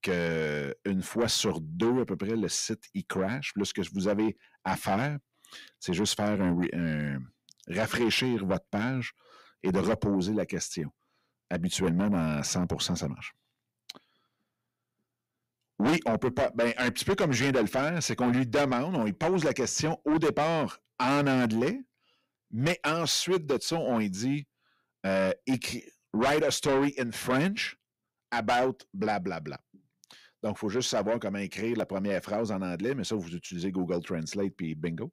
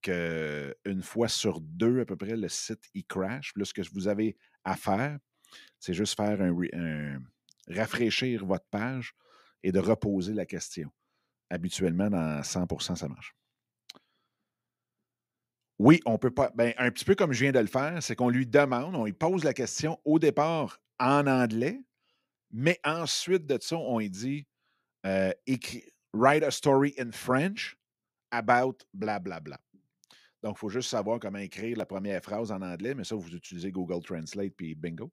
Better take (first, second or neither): second